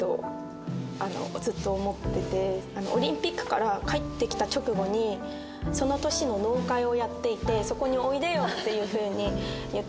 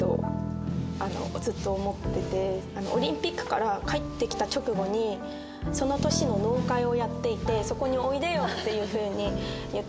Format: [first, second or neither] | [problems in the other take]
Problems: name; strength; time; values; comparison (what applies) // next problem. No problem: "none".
first | background sound (Bass guitar); 7 dB below the speech